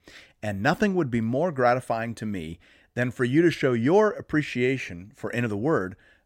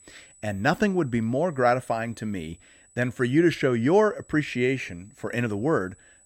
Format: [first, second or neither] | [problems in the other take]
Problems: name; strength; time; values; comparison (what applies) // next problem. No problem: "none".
first | high-pitched whine; faint; throughout; 8 kHz, 30 dB below the speech